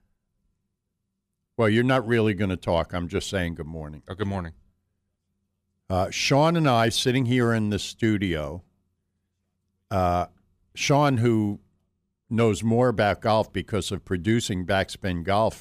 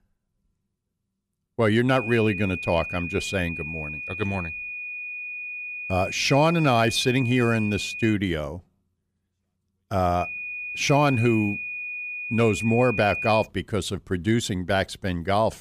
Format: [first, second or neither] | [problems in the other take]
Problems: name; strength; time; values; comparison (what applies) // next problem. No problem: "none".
first | high-pitched whine; loud; from 2 to 8 s and from 10 to 13 s; 2.5 kHz, 7 dB below the speech